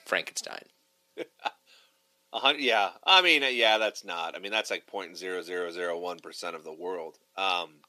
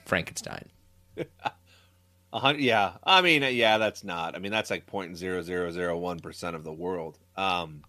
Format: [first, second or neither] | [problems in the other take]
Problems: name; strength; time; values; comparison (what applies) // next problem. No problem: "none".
second | thin; somewhat; fading below 300 Hz